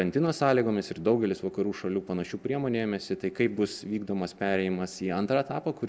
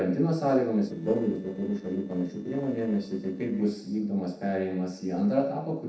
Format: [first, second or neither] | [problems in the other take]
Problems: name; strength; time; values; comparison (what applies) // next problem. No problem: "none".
first | noise reduction (neural separator model SepFormer DNS4)